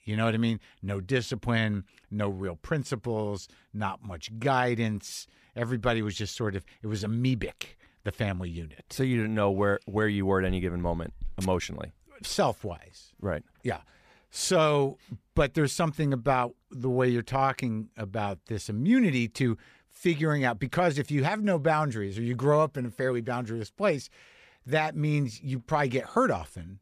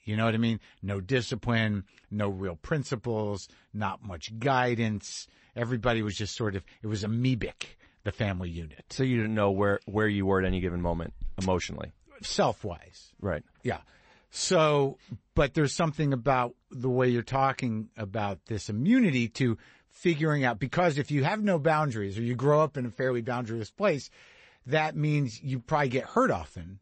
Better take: first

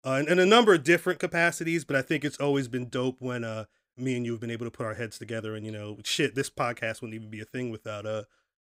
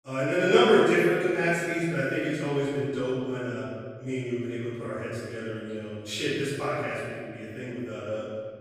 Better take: first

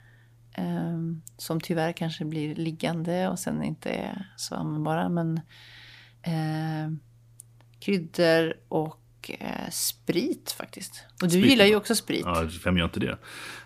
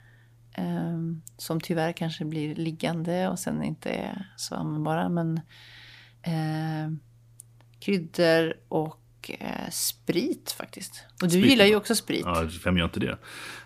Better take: neither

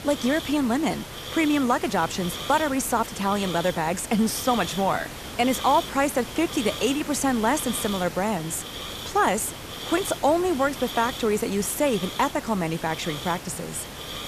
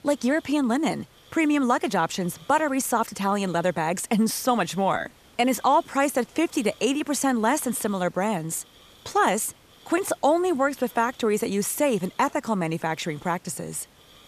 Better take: second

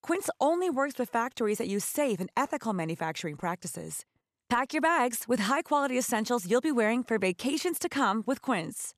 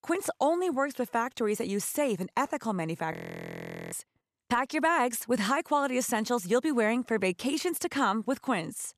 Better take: first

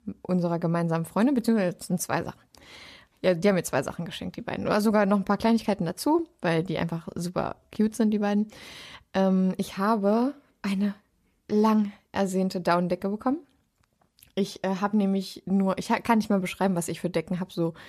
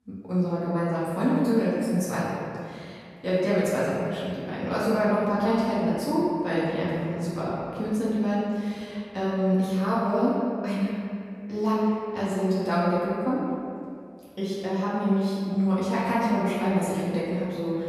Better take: first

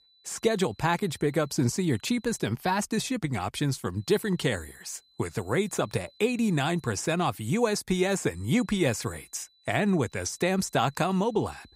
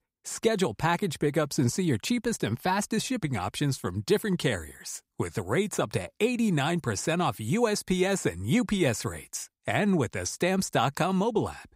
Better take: second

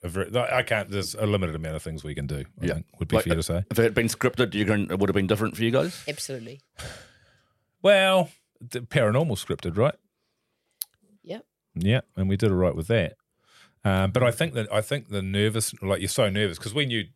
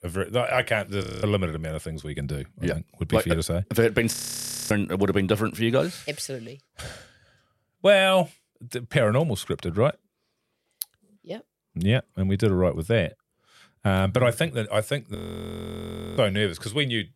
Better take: first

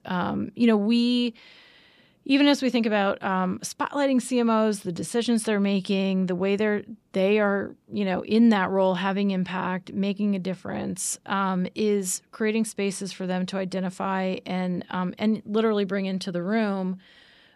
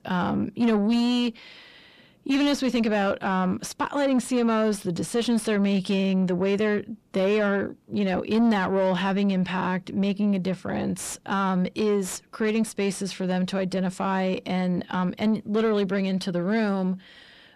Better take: first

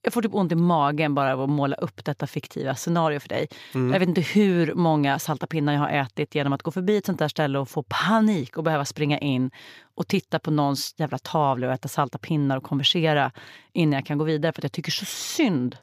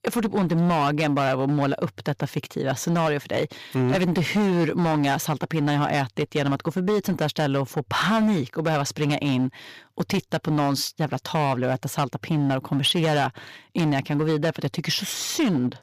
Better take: first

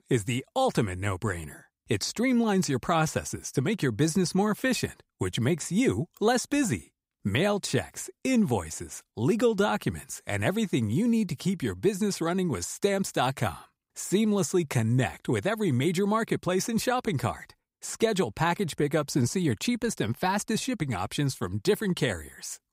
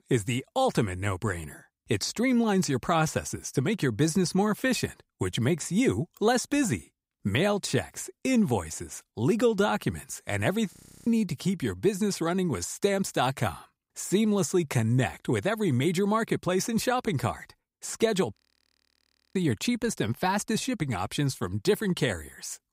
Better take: first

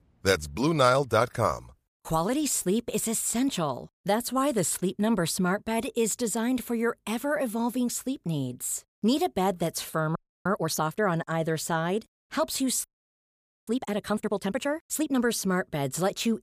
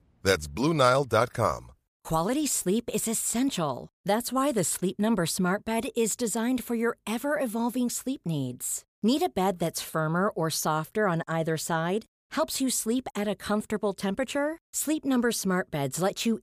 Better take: second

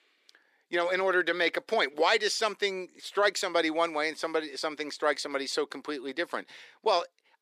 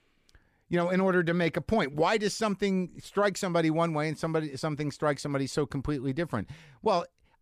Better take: second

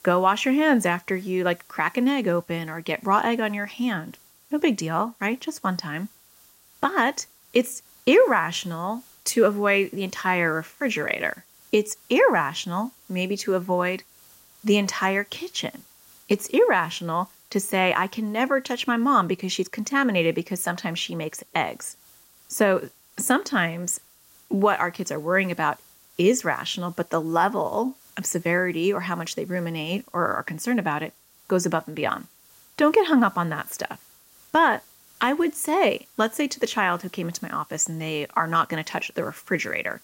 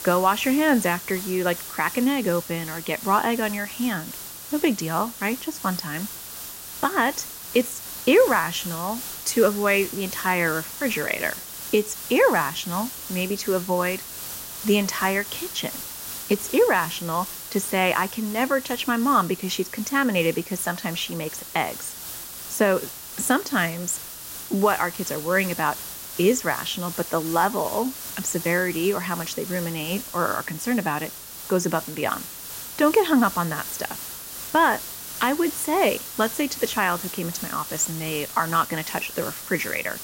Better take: first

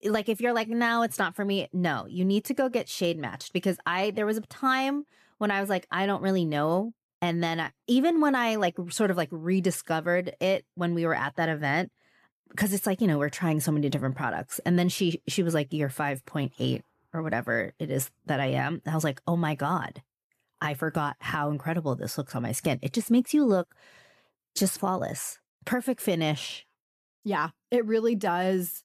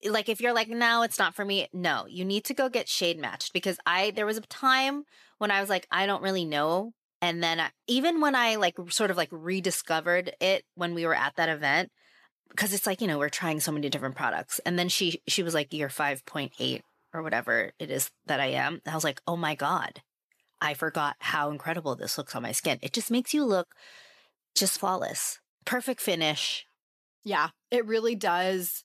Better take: first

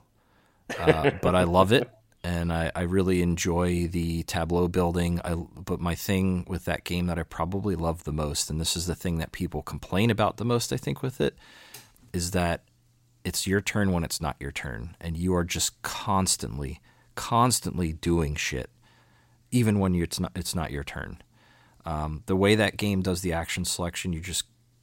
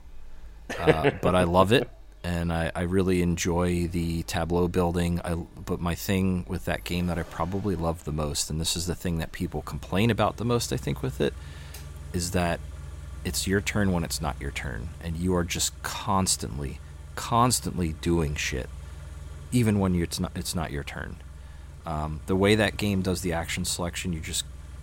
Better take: first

